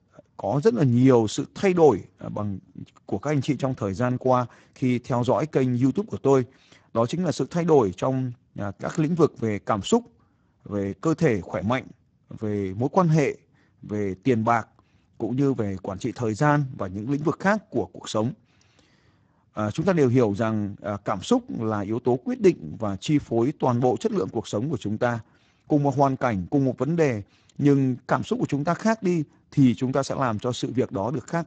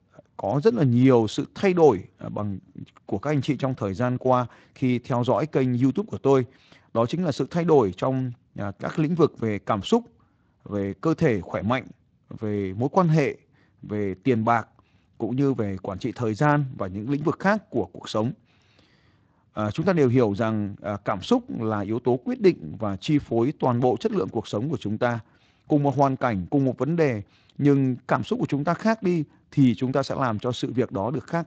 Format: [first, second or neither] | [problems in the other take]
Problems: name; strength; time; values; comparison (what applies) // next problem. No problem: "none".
second | garbled, watery; badly; nothing above 7.5 kHz; slightly in the second